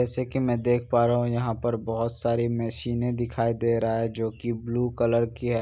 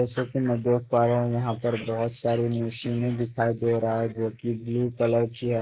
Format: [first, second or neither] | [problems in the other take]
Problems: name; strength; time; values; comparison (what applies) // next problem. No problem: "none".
first | noise reduction (neural mask model Resemble Enhance denoiser)